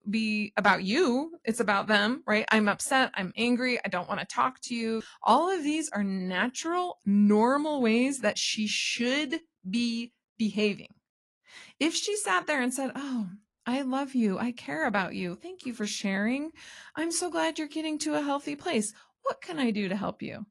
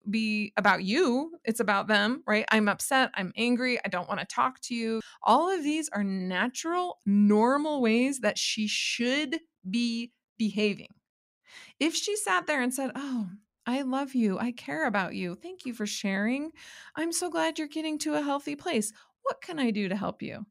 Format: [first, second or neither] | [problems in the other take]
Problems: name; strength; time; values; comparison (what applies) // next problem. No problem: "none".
second | garbled, watery; slightly